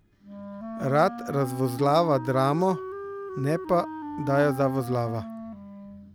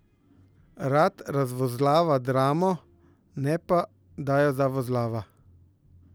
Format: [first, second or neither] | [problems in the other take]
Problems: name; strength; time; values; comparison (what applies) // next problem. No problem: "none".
second | background sound (Wind instrument, woodwind instrument); 10 dB below the speech